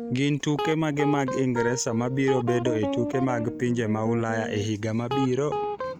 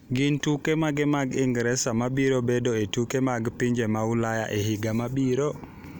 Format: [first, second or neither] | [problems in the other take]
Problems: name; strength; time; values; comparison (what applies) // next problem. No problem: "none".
second | noise reduction (neural mask model RNNoise)